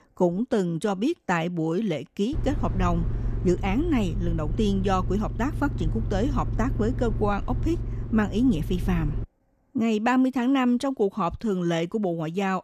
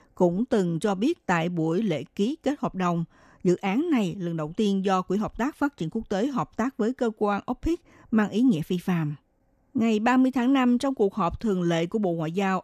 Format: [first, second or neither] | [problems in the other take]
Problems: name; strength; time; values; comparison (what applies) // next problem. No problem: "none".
second | low rumble; noticeable; from 2.5 to 9 s; 15 dB below the speech